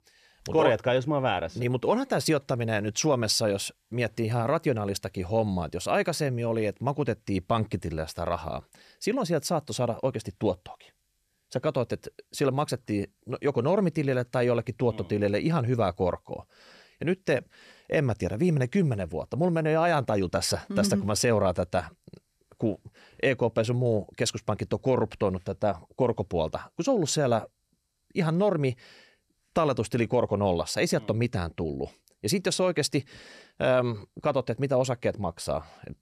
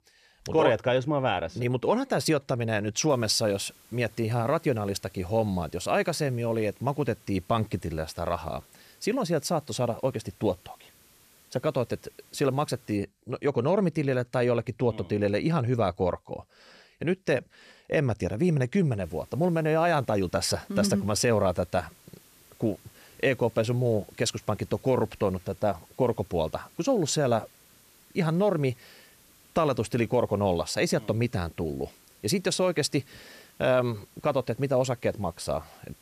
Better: first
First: none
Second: hiss; faint; from 3 to 13 s and from 19 s on; 25 dB below the speech

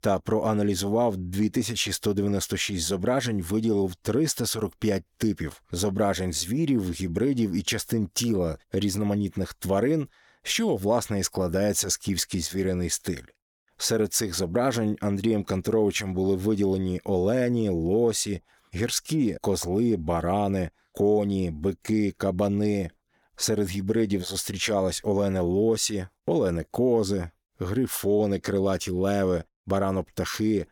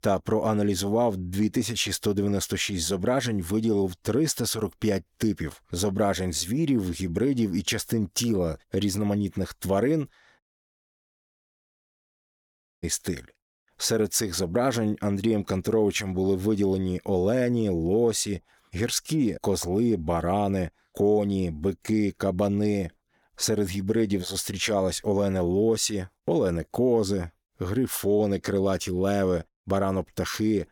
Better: first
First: none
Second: audio cutting out; at 10 s for 2.5 s

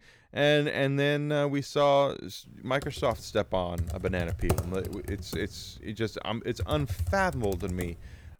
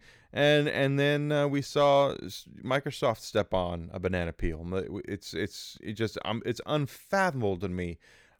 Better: second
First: keyboard typing; noticeable; from 3 to 8 s; peak 2 dB below the speech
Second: none

